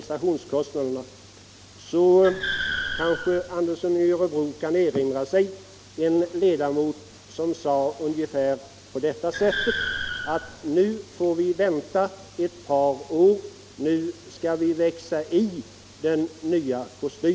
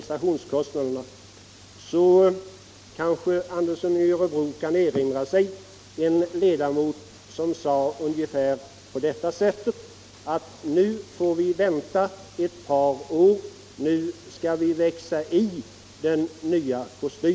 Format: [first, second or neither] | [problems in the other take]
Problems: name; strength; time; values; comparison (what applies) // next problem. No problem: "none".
second | background sound (Car); 7 dB below the speech